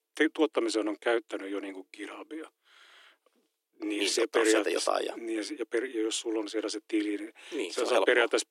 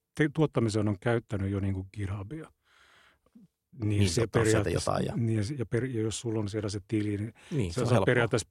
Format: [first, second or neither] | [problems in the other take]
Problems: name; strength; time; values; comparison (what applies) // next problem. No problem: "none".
second | thin; very; fading below 300 Hz